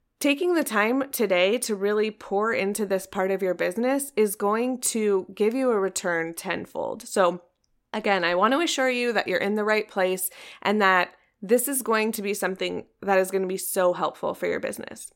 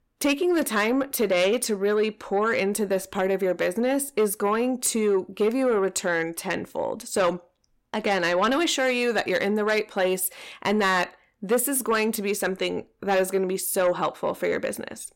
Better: first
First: none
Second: distortion; slight; 10 dB below the speech

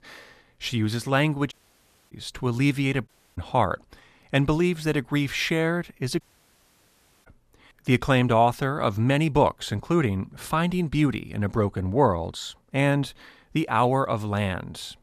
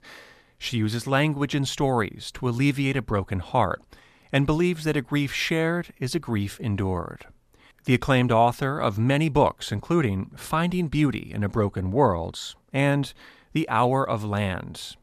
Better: second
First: audio cutting out; at 1.5 s for 0.5 s, at 3 s and at 6 s for 1 s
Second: none

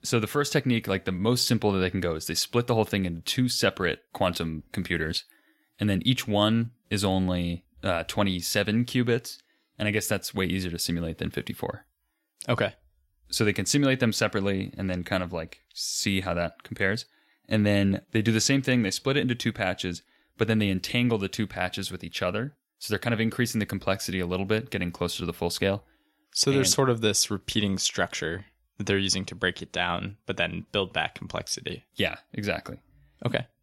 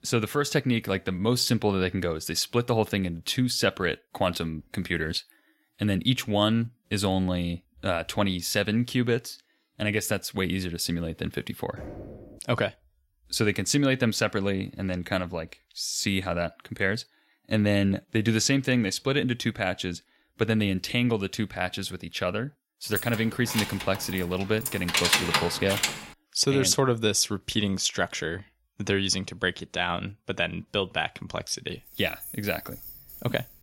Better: first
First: none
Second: door banging; faint; at 12 s; peak 15 dB below the speech // jangling keys; loud; from 23 to 26 s; peak 5 dB above the speech // jangling keys; faint; from 32 s on; peak 10 dB below the speech

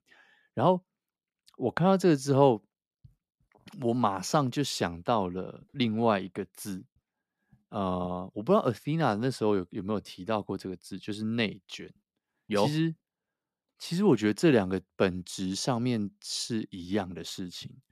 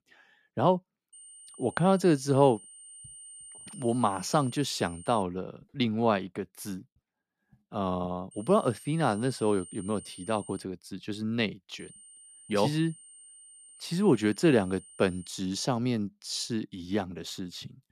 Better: first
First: none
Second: high-pitched whine; noticeable; from 1 to 5 s, from 8.5 to 11 s and from 12 to 15 s; 9 kHz, 20 dB below the speech

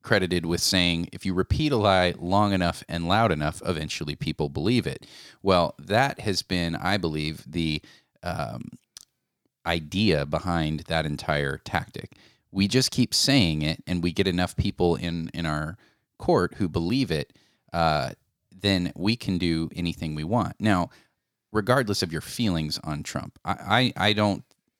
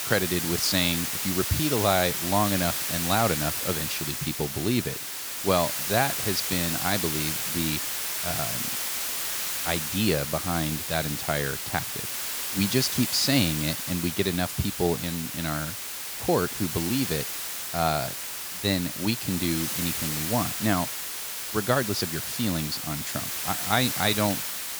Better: first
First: none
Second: hiss; loud; throughout; as loud as the speech

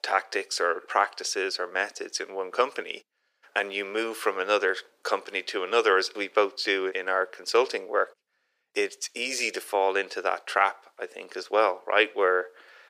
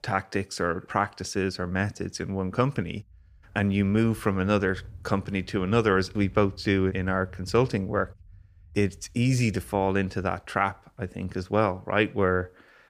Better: second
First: thin; very; fading below 400 Hz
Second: none

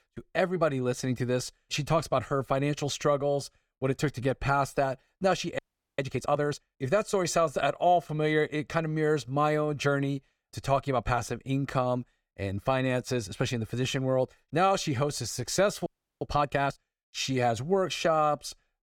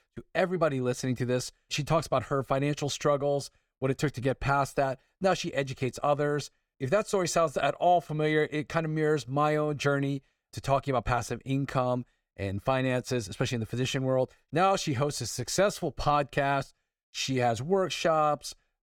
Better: second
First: audio freezing; at 5.5 s and at 16 s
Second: none

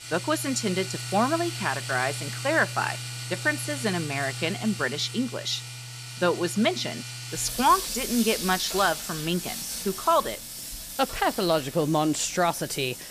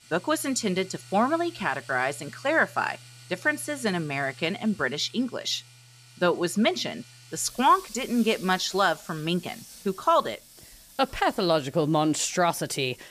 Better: second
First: household noises; loud; throughout; 7 dB below the speech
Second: household noises; faint; throughout; 20 dB below the speech

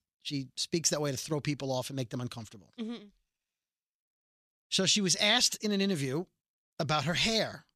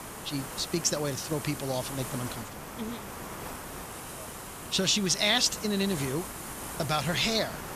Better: first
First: none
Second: hiss; noticeable; throughout; 10 dB below the speech

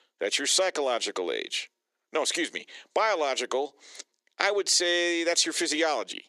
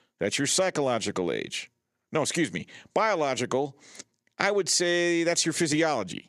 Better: second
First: thin; somewhat; fading below 350 Hz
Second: none

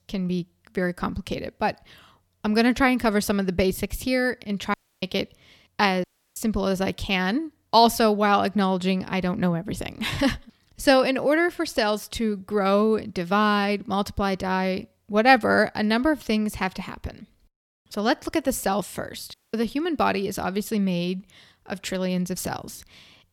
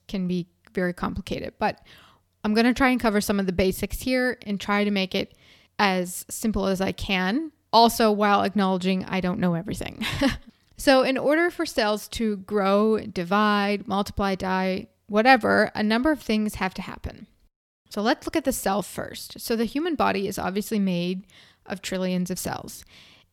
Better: second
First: audio cutting out; at 4.5 s, at 6 s and at 19 s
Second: none

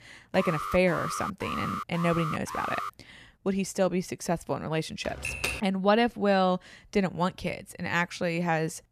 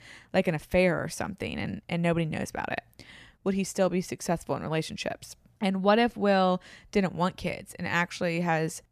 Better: second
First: alarm; noticeable; until 3 s; peak 5 dB below the speech // keyboard typing; noticeable; at 5 s; peak 2 dB below the speech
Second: none

